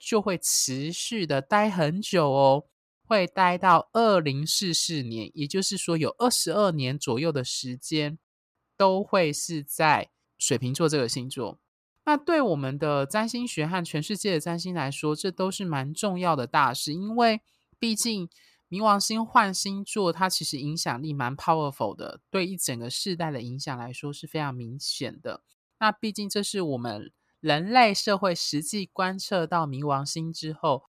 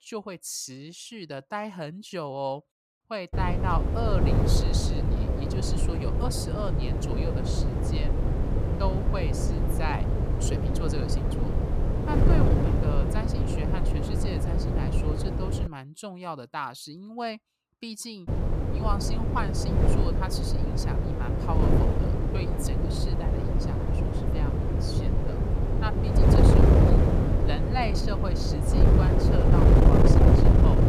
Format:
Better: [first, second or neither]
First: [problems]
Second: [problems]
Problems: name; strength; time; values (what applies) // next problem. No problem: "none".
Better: first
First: none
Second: wind noise on the microphone; heavy; from 3.5 to 16 s and from 18 s on; 3 dB above the speech